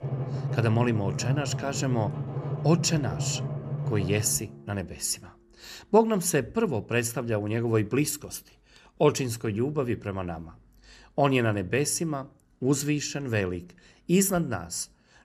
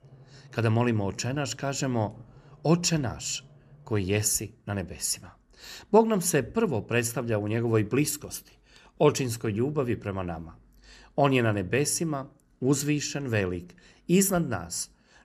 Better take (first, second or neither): second